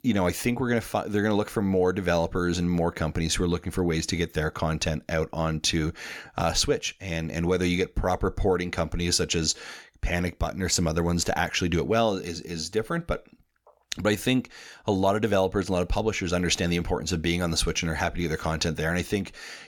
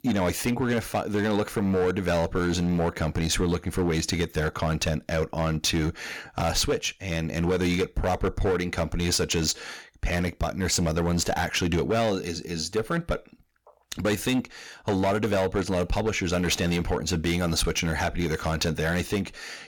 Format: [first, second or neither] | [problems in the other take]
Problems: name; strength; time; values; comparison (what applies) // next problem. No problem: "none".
first | distortion; slight; 11% of the sound clipped